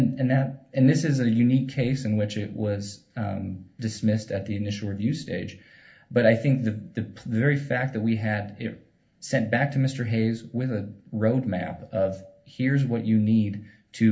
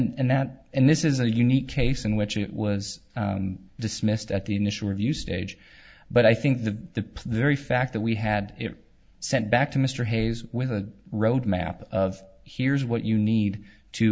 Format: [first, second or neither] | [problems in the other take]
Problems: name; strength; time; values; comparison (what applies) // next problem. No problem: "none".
second | room echo; dies away in 0.3 s